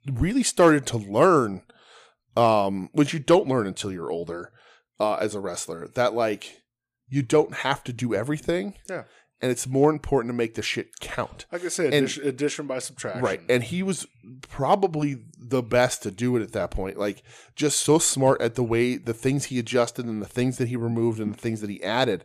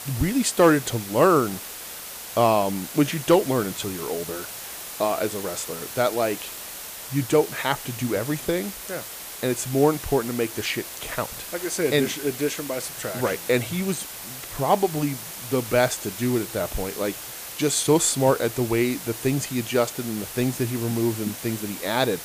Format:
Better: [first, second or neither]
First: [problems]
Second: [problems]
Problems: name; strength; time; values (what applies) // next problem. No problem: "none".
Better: first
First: none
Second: hiss; loud; throughout; 10 dB below the speech